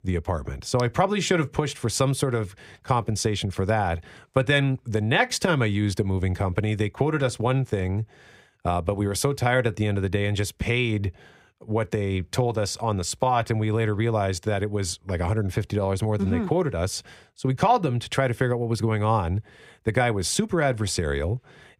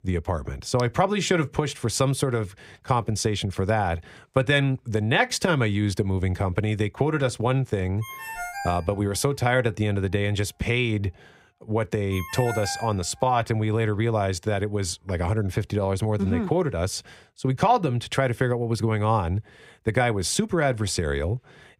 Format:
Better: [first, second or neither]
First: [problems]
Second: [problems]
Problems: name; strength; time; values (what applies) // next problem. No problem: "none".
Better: first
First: none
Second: phone ringing; noticeable; from 8 to 13 s; peak 7 dB below the speech